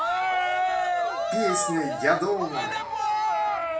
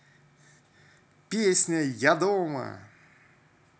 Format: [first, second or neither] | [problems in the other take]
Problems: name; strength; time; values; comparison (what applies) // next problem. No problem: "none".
second | background sound (Cheering); 4 dB above the speech // room echo; dies away in 0.3 s